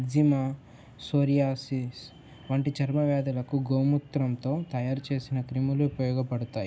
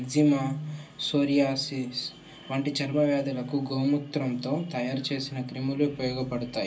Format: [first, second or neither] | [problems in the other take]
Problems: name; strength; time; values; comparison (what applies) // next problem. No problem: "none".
first | room echo; dies away in 0.2 s